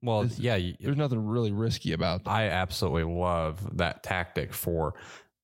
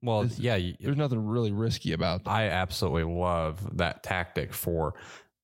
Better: neither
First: none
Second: none

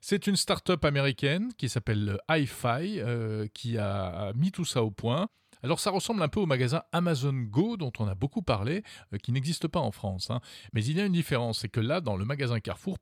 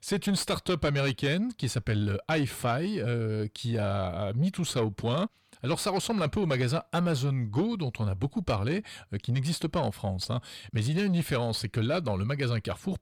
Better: first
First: none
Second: distortion; slight; 10 dB below the speech

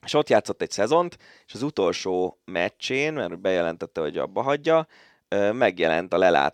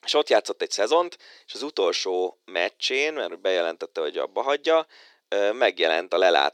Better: first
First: none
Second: thin; somewhat; fading below 350 Hz

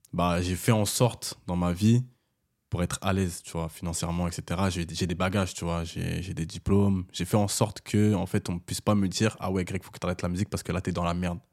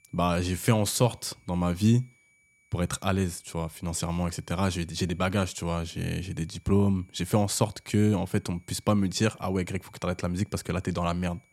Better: first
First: none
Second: high-pitched whine; faint; throughout; 2.5 kHz, 35 dB below the speech

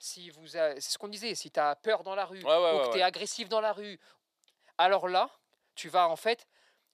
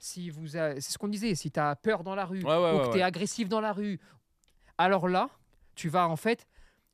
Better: second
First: thin; very; fading below 500 Hz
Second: none

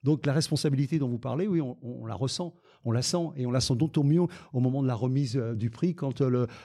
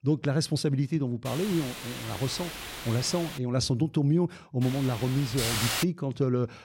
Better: first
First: none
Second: hiss; loud; from 1.5 to 3.5 s and from 4.5 to 6 s; 6 dB below the speech

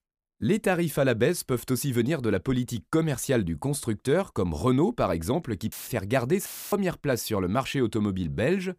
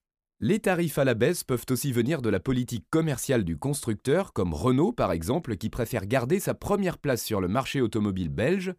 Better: second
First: audio cutting out; filled with static; at 5.5 s and at 6.5 s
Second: none

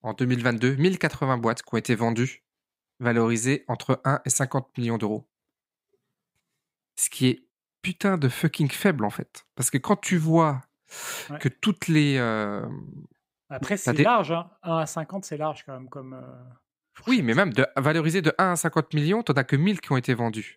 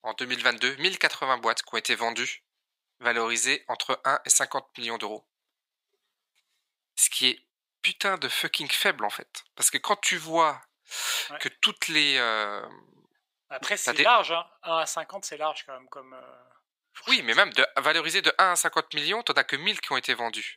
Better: first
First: none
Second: thin; very; fading below 700 Hz

